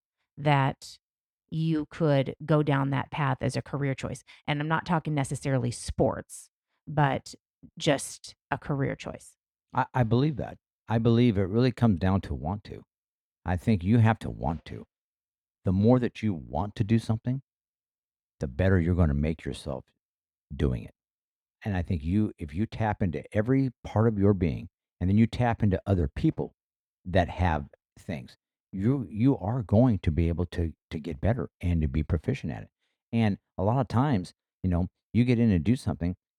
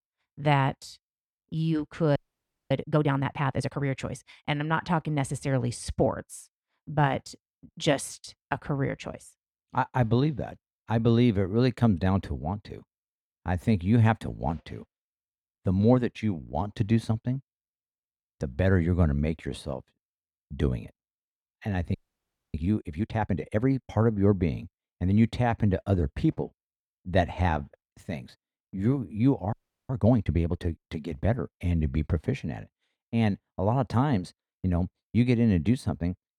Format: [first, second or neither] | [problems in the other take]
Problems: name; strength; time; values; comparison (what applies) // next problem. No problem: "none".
first | audio freezing; at 2 s for 0.5 s, at 22 s for 0.5 s and at 30 s